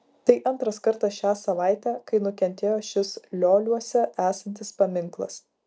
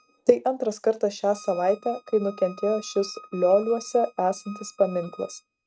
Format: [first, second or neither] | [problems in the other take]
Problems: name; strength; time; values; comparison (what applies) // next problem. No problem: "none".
first | noise reduction (neural mask model RNNoise)